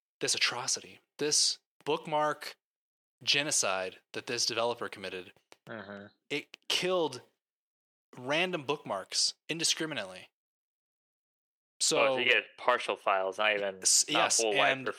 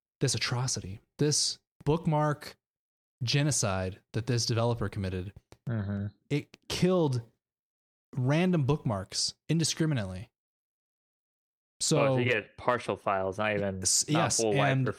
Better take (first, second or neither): second